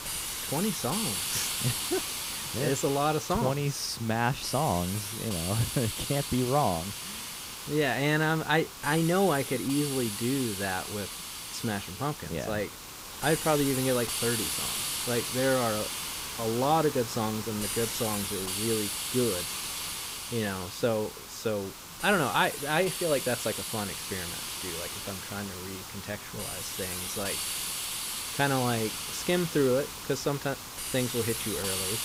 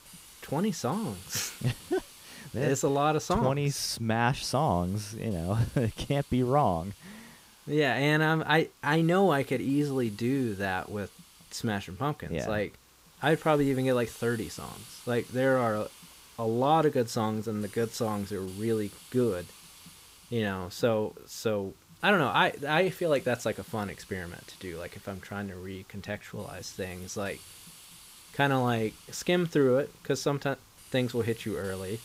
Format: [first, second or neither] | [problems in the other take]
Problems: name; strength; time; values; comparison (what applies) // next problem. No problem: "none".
second | hiss; loud; throughout; 3 dB below the speech; faint in the second